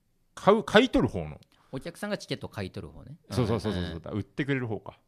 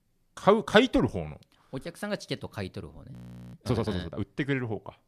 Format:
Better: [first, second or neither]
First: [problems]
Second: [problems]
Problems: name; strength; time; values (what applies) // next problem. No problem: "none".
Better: first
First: none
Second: audio freezing; at 3 s